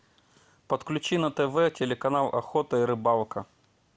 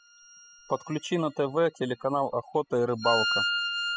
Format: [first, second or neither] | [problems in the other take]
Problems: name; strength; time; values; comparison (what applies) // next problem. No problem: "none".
first | noise reduction (classical method spectral subtraction)